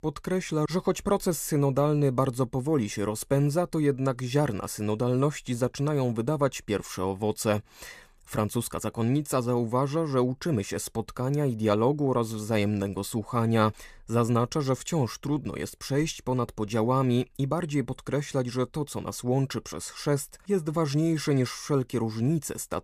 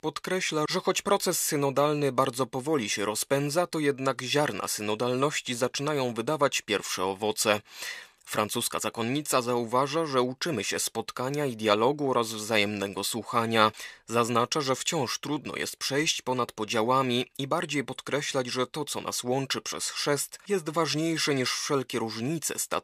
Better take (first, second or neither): first